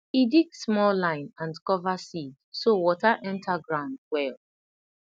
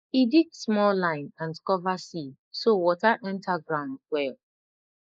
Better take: first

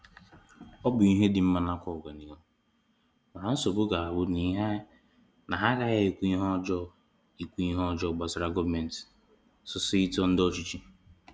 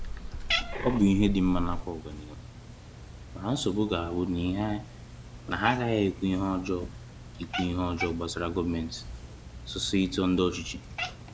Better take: first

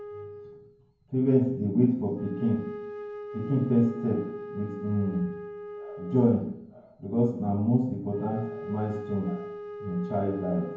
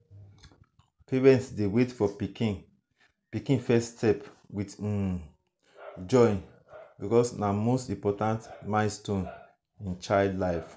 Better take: second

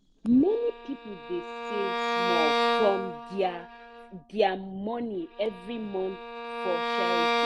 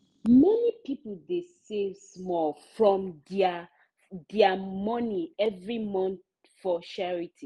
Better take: second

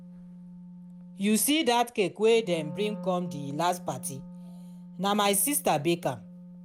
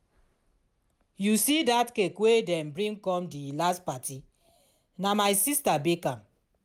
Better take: second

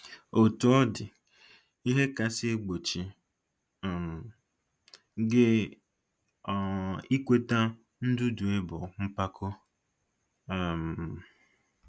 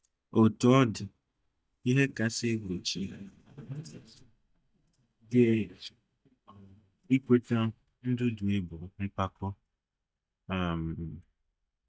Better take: first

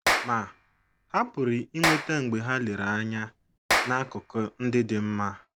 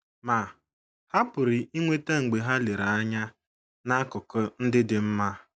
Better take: second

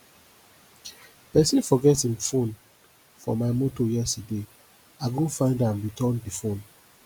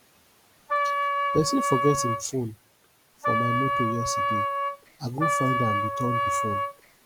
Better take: first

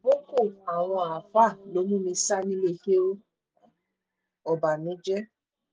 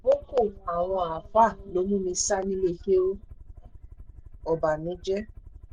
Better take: first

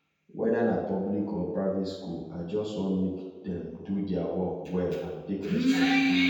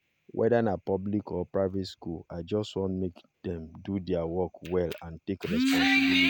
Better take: second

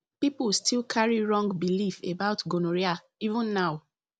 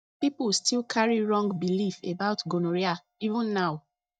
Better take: first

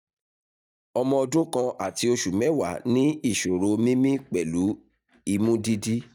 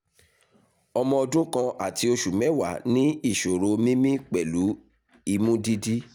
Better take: second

